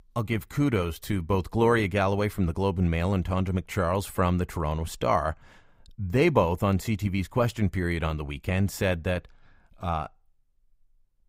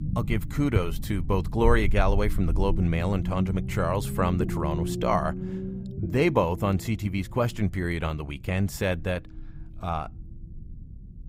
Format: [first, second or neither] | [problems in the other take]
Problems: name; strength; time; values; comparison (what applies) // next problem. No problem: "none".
first | low rumble; noticeable; throughout; 10 dB below the speech